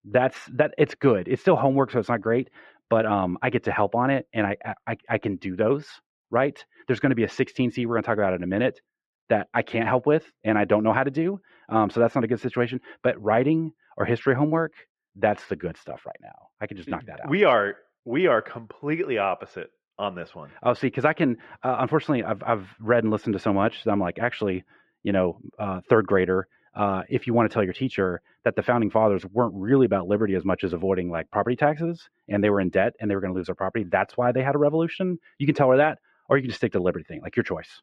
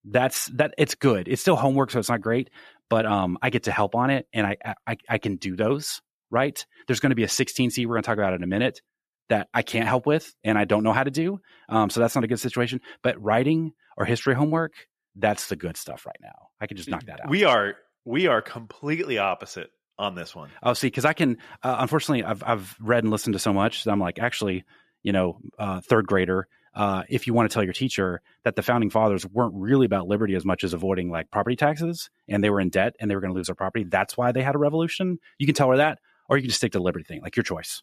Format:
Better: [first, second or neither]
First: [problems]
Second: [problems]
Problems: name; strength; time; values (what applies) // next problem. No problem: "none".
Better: second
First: muffled; very; fading above 2 kHz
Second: none